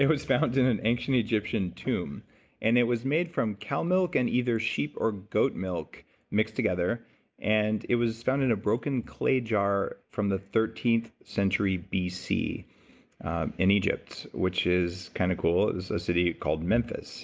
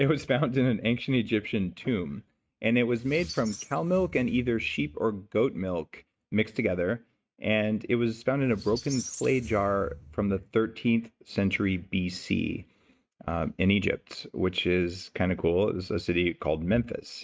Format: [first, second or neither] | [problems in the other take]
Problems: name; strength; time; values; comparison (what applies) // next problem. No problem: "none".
first | noise reduction (neural mask model RNNoise)